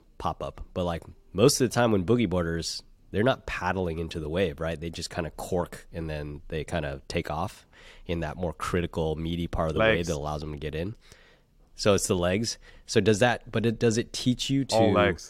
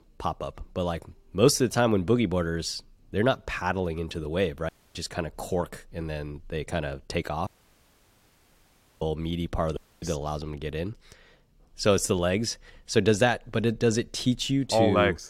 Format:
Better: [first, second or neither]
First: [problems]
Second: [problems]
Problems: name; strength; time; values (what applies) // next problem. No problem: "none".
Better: first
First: none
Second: audio cutting out; at 4.5 s, at 7.5 s for 1.5 s and at 10 s